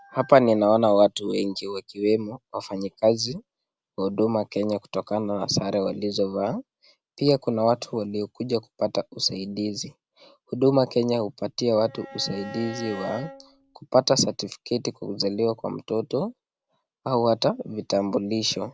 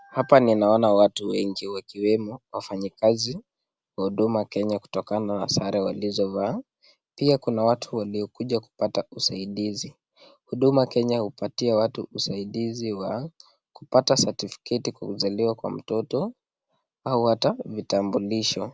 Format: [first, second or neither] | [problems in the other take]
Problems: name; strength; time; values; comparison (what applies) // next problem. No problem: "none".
second | background sound (Bowed string instrument); 15 dB below the speech